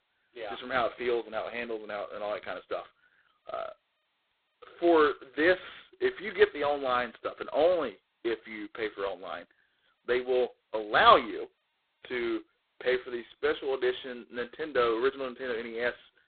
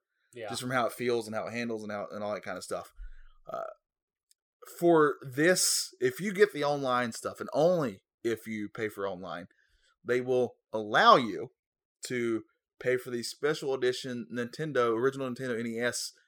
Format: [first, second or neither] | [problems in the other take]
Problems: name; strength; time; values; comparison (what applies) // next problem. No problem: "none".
second | phone-call audio; poor line; nothing above 4 kHz